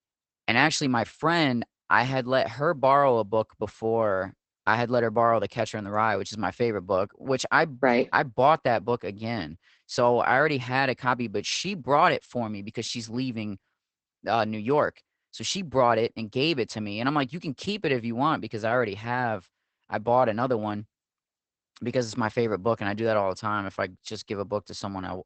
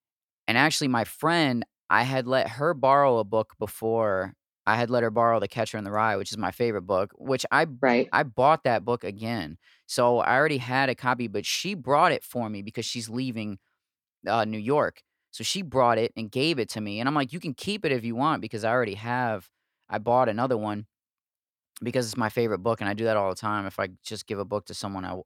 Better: second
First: garbled, watery; badly; nothing above 8 kHz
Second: none

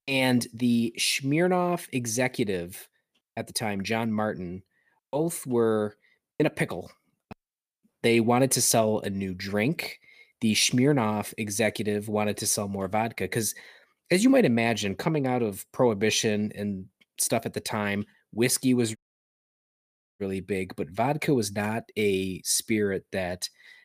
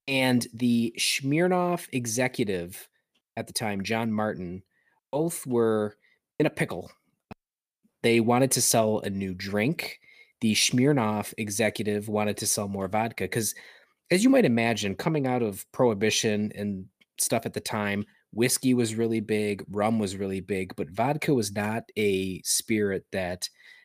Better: second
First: audio cutting out; at 19 s for 1 s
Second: none

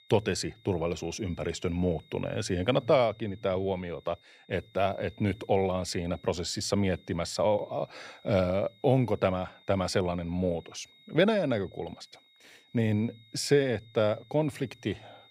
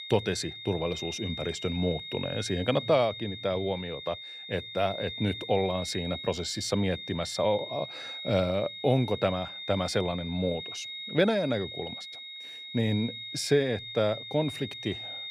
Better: first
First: high-pitched whine; faint; throughout; 3.5 kHz, 30 dB below the speech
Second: high-pitched whine; loud; throughout; 3.5 kHz, 8 dB below the speech

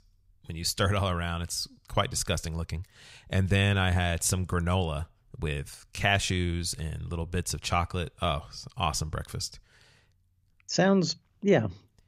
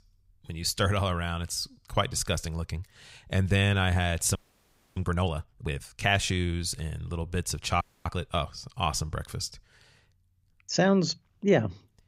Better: first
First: none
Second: audio freezing; at 4.5 s for 0.5 s and at 8 s

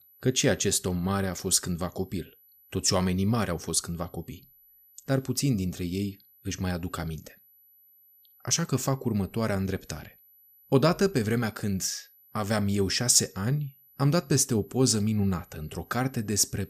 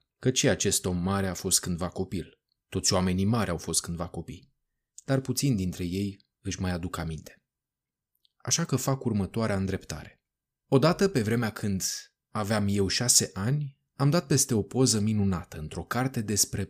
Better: second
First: high-pitched whine; faint; throughout; 12 kHz, 30 dB below the speech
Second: none

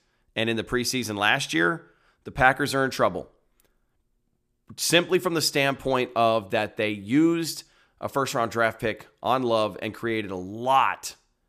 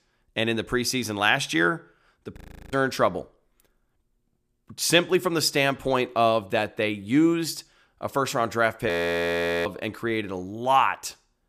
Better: first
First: none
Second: audio freezing; at 2.5 s and at 9 s for 1 s

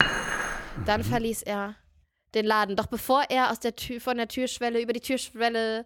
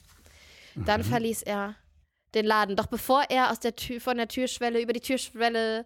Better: second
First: clattering dishes; loud; at the start; peak 4 dB above the speech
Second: none

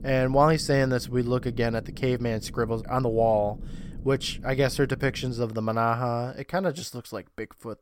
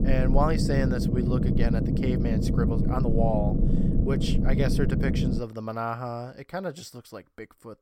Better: first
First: low rumble; faint; until 5.5 s; 25 dB below the speech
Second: low rumble; loud; until 5.5 s; 2 dB below the speech

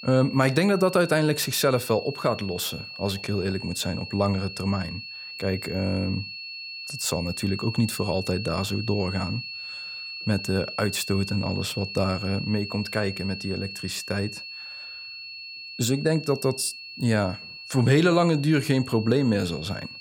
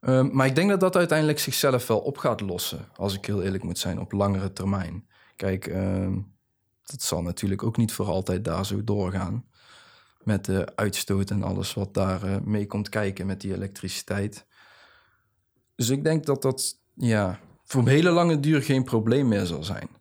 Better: second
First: high-pitched whine; loud; throughout; 4.5 kHz, 10 dB below the speech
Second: none

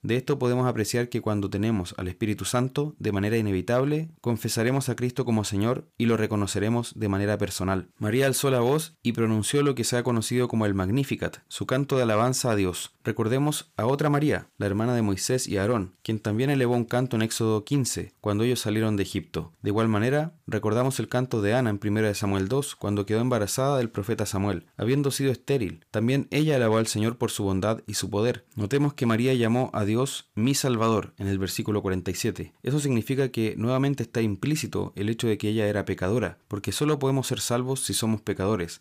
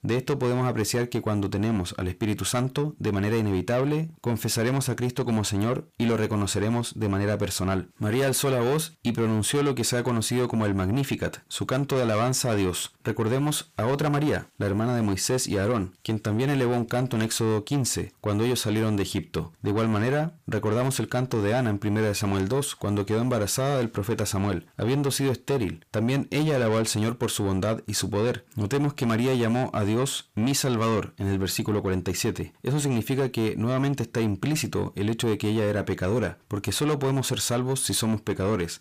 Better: first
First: none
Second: distortion; slight; 10 dB below the speech

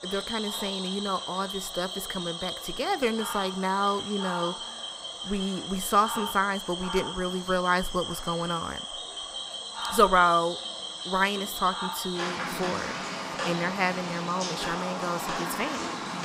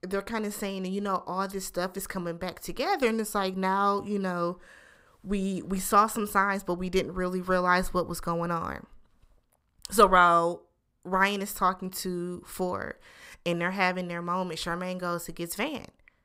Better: second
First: animal sounds; loud; throughout; 5 dB below the speech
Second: none

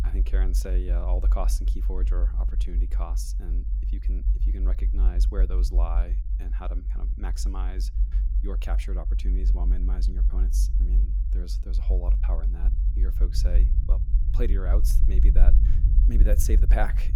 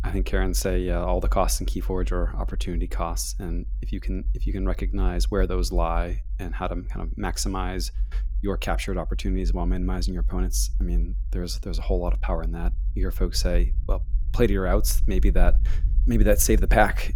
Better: second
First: low rumble; loud; throughout; 8 dB below the speech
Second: low rumble; faint; throughout; 25 dB below the speech

